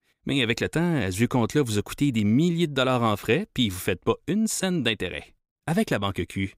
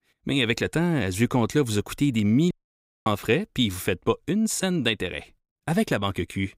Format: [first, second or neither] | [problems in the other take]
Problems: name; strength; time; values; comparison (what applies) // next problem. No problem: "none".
first | audio cutting out; at 2.5 s for 0.5 s